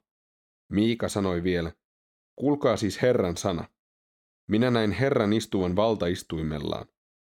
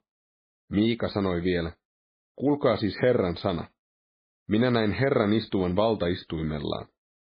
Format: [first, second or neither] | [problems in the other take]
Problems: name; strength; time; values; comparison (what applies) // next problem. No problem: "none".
first | garbled, watery; badly; nothing above 4.5 kHz